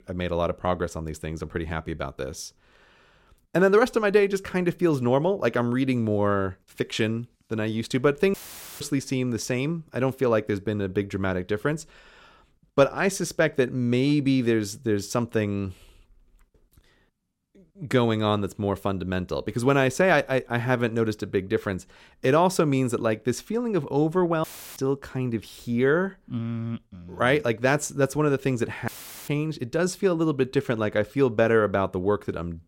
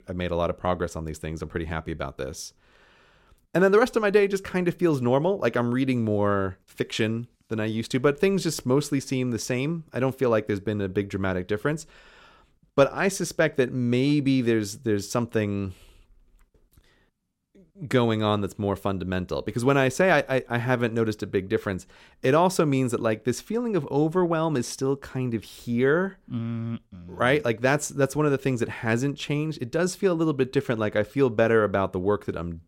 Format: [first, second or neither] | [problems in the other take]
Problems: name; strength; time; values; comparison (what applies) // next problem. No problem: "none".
second | audio cutting out; filled with static; at 8.5 s, at 24 s and at 29 s